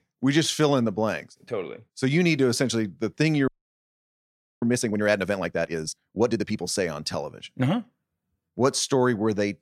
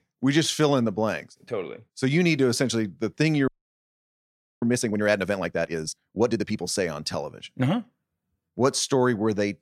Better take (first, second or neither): neither